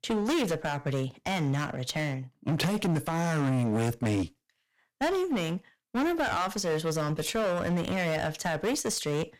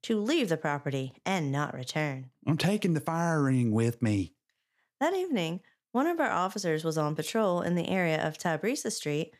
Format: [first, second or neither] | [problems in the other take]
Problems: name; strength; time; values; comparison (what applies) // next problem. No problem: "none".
second | distortion; heavy; 17% of the sound clipped